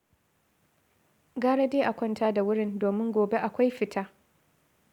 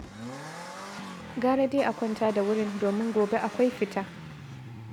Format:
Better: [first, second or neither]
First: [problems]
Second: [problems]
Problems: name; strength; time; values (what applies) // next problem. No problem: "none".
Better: first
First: none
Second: background sound (Accelerating, revving, vroom); 13 dB below the speech